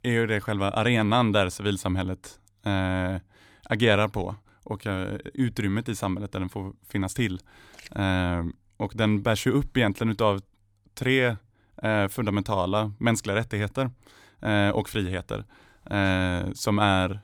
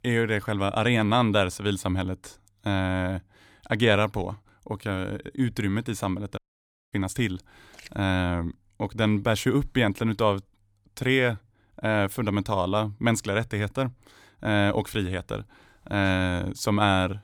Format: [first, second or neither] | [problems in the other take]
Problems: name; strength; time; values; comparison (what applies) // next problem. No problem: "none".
first | audio cutting out; at 6.5 s for 0.5 s